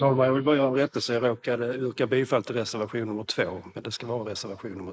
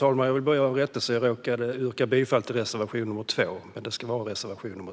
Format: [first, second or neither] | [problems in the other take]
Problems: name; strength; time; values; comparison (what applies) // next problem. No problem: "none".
second | noise reduction (neural mask model Resemble Enhance denoiser)